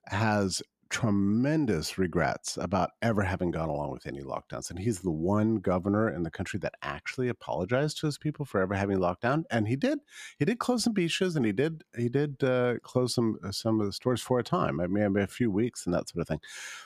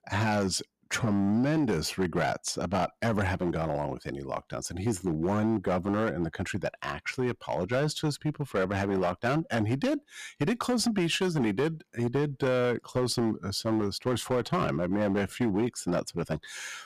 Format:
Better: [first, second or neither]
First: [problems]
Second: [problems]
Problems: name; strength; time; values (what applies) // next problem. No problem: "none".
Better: first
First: none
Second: distortion; slight; 9% of the sound clipped